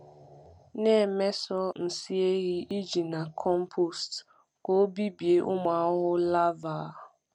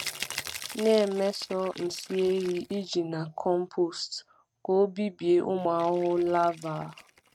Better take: first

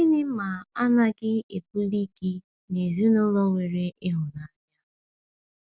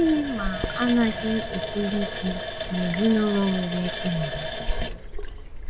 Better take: first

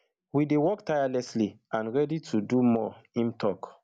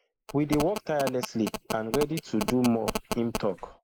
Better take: first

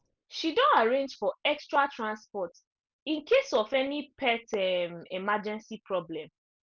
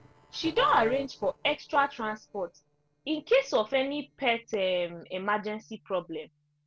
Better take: first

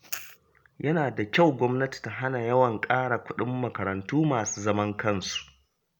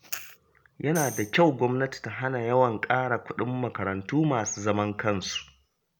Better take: first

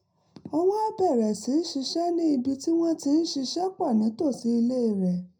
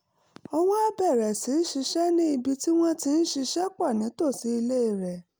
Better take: second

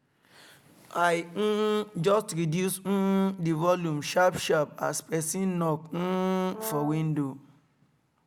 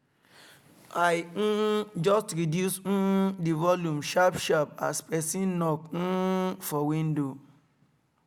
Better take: second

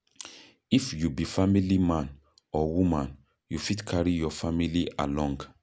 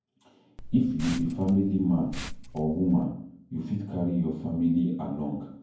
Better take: first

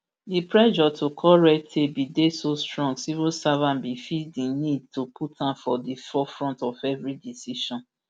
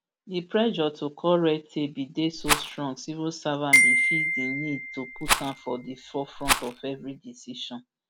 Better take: first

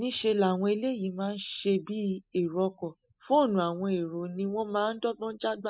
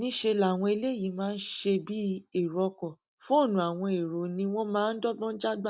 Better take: second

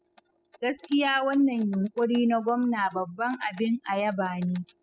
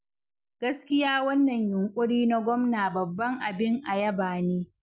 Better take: second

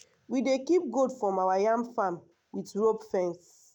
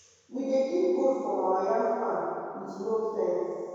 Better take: first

